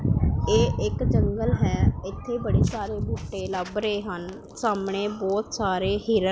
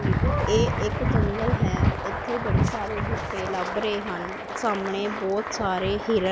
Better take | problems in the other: first | background sound (Applause); 7 dB below the speech

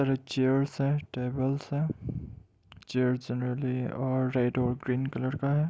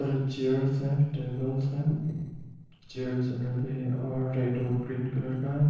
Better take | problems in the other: first | noise reduction (neural separator model SepFormer DNS4)

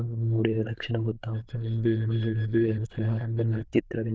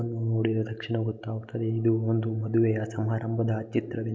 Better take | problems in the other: second | noise reduction (neural diffusion model UNIVERSE++)

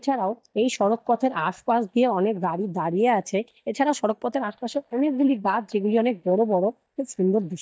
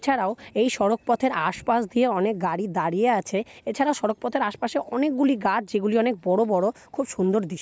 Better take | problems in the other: second | noise reduction (neural mask model DeepFilterNet 3)

